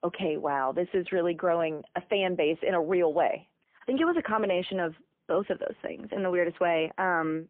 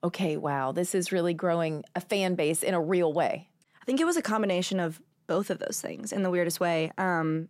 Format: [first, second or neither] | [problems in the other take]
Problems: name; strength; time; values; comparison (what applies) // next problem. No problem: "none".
second | phone-call audio; poor line